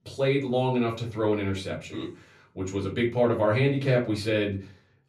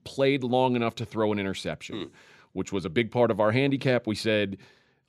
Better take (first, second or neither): second